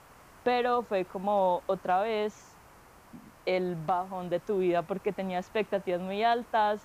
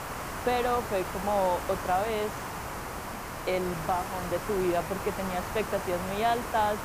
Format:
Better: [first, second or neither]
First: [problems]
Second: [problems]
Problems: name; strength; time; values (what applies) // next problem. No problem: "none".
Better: first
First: hiss; faint; throughout; 25 dB below the speech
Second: hiss; loud; throughout; 5 dB below the speech